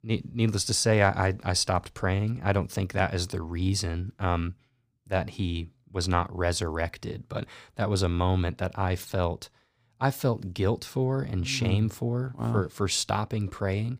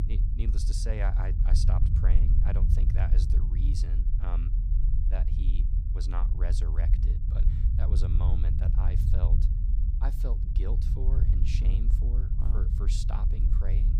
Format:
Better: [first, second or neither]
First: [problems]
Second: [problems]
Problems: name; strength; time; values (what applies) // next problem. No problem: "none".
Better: first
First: none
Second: low rumble; loud; throughout; 2 dB below the speech